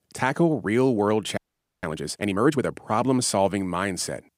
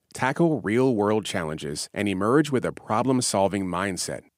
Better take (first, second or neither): second